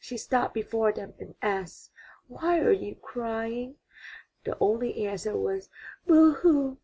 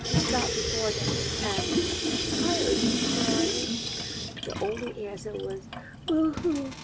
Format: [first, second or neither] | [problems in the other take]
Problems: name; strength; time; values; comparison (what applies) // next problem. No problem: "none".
first | background sound (Sink (filling or washing) / Water tap, faucet); 4 dB above the speech